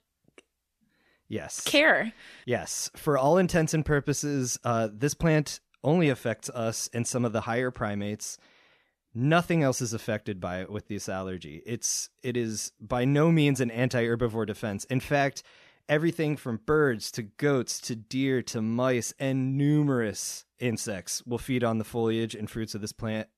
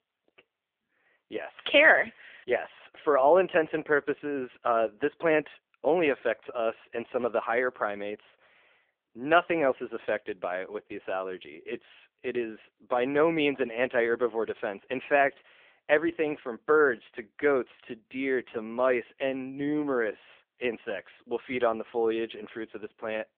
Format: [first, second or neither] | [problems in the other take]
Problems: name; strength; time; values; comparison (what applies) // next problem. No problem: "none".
first | phone-call audio; poor line; nothing above 3.5 kHz